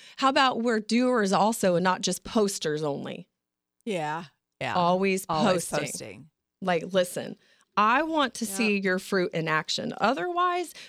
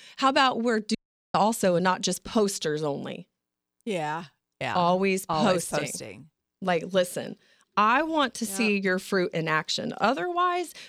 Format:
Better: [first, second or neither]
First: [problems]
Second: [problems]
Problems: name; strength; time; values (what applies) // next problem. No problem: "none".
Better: first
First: none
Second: audio cutting out; at 1 s